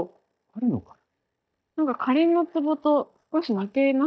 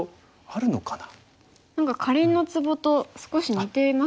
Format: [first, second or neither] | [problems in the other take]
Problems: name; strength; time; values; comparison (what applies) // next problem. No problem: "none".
second | noise reduction (neural mask model DeepFilterNet 3)